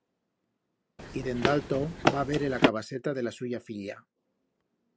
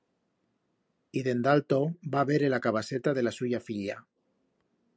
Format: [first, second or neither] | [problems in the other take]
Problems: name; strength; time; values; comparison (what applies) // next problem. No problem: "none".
second | background sound (Run); 4 dB above the speech